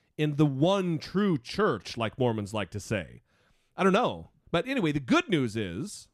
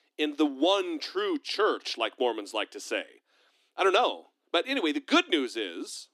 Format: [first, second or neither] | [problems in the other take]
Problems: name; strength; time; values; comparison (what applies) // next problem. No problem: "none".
first | thin; somewhat; fading below 250 Hz